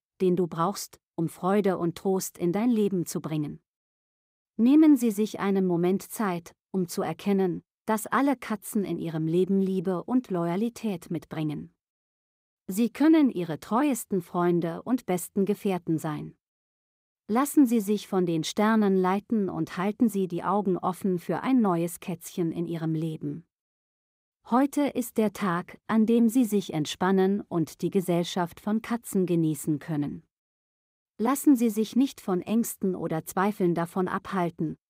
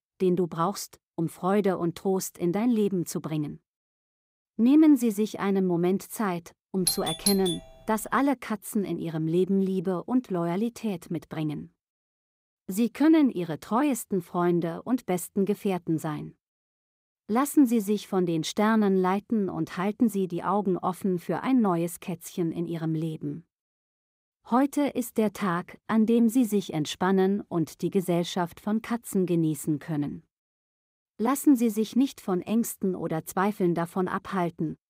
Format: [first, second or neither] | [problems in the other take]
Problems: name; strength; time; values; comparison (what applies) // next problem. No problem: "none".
first | doorbell; noticeable; at 7 s; peak 1 dB below the speech